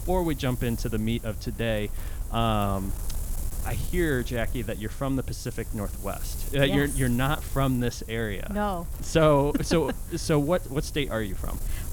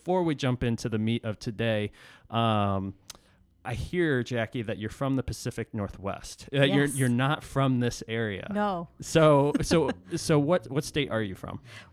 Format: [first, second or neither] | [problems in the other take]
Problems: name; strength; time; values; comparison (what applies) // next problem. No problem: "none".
second | wind noise on the microphone; occasional gusts; 20 dB below the speech